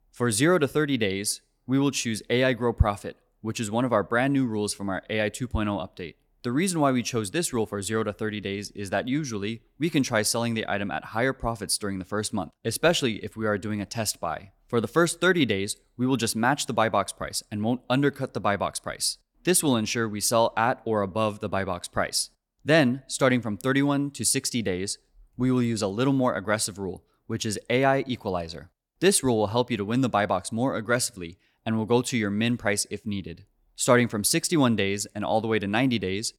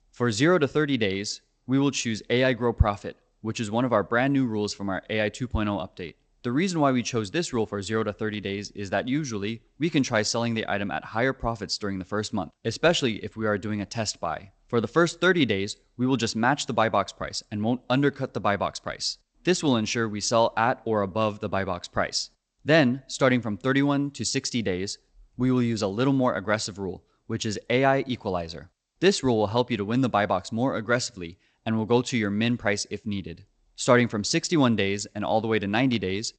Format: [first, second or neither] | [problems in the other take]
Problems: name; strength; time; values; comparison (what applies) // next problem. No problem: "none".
first | garbled, watery; slightly; nothing above 8 kHz